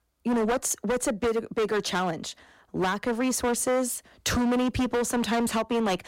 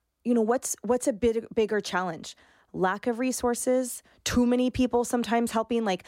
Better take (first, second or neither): second